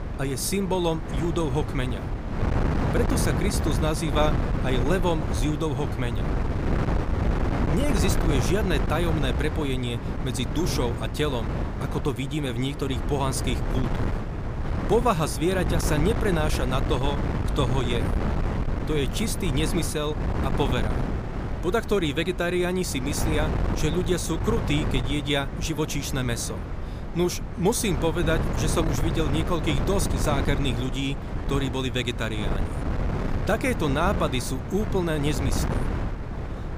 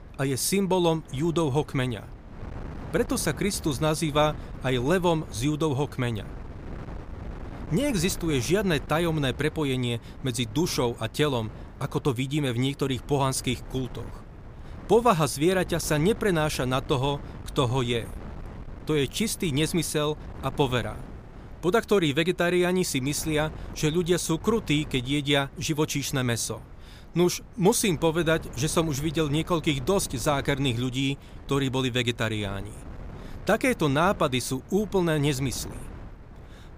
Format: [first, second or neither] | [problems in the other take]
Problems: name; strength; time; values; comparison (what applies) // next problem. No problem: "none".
second | wind noise on the microphone; heavy; 6 dB below the speech; occasional gusts in the second